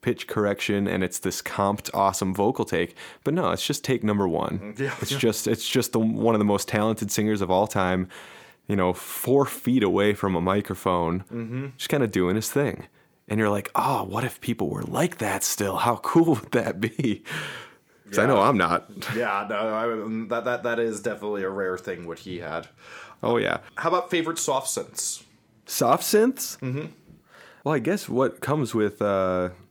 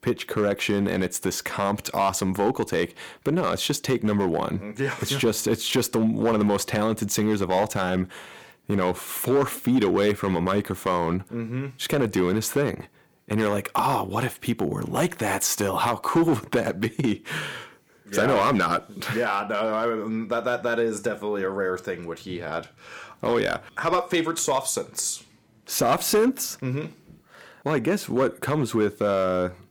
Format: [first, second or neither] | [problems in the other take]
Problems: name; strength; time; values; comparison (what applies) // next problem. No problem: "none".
first | distortion; slight; 3% of the sound clipped